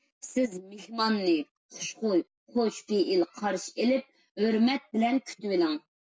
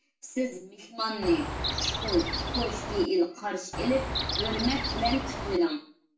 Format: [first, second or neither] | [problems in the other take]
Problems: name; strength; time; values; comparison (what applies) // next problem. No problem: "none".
first | background sound (Chirp, tweet); 2 dB below the speech // room echo; dies away in 0.4 s